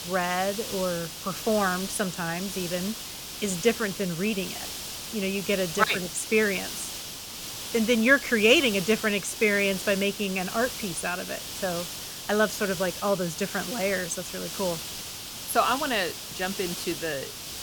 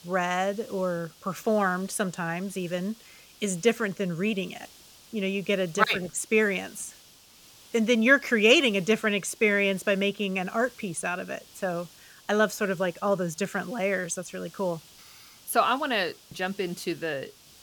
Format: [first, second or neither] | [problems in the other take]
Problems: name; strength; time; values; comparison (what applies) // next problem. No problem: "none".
second | hiss; loud; throughout; 7 dB below the speech; faint in the second